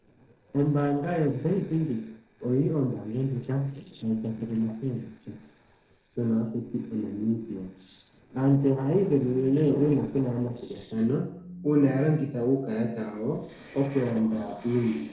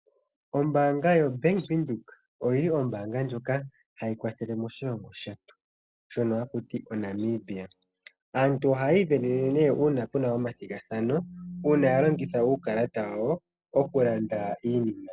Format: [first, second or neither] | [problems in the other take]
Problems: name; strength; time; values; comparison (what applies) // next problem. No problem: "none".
second | noise reduction (neural separator model SepFormer DNS4)